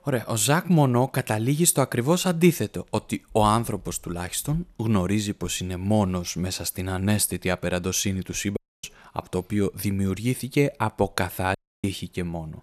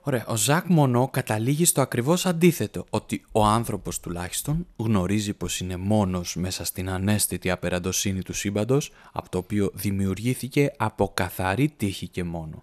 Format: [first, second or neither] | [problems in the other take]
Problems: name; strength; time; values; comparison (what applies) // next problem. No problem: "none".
second | audio cutting out; at 8.5 s and at 12 s